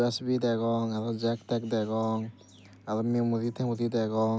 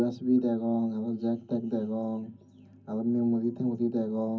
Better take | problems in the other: first | room echo; dies away in 0.3 s

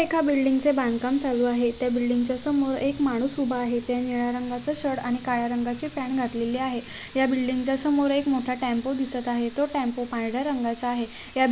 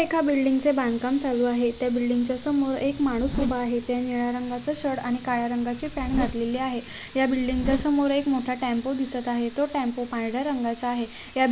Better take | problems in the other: first | background sound (Zipper (clothing)); 9 dB below the speech

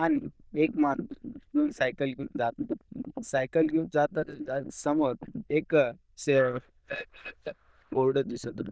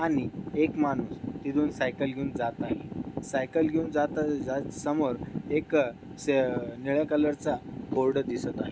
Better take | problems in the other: second | noise reduction (neural diffusion model UNIVERSE++)

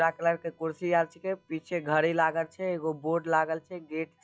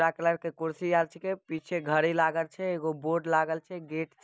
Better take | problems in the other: second | noise reduction (classical method log-MMSE)

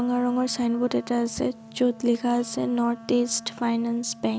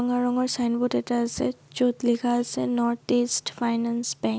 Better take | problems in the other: second | background sound (Wind instrument, woodwind instrument); 19 dB below the speech

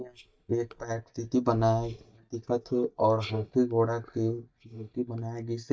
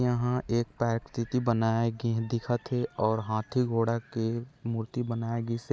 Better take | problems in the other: second | noise reduction (neural mask model DeepFilterNet 3)

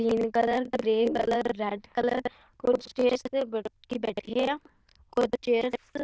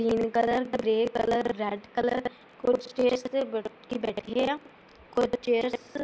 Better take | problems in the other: second | noise reduction (neural diffusion model UNIVERSE++)

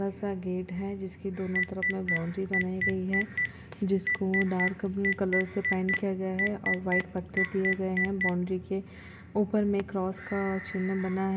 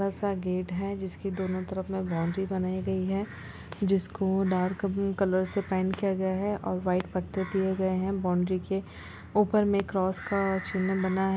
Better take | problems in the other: second | background sound (Telephone); 2 dB below the speech // room echo; dies away in 1.6 s

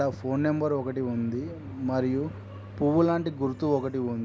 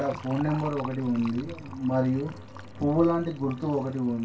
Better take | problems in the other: first | background sound (Fill (with liquid)); 18 dB below the speech // room echo; dies away in 0.2 s

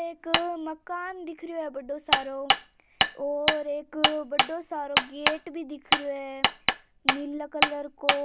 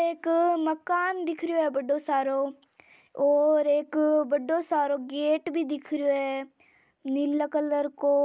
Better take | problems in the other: second | background sound (Hammer); 4 dB above the speech

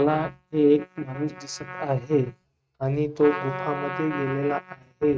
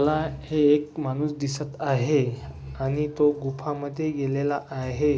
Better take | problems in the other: second | noise reduction (neural mask model RNNoise)

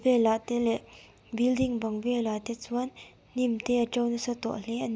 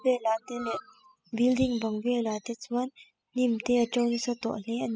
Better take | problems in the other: first | noise reduction (classical method spectral subtraction)

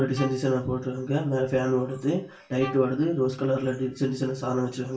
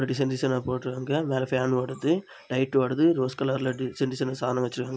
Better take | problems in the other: second | background sound (Bowed string instrument); 19 dB below the speech // room echo; dies away in 0.3 s

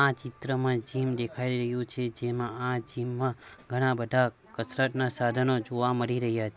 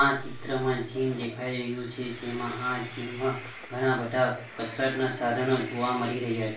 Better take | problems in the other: first | background sound (Train); 16 dB below the speech // room echo; dies away in 0.3 s

